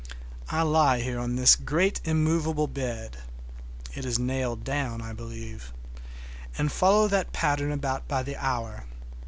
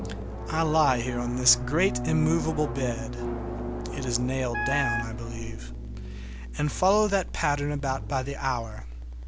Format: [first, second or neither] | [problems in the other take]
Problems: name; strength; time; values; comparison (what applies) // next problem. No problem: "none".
first | background sound (Wind instrument, woodwind instrument + Drum); 8 dB below the speech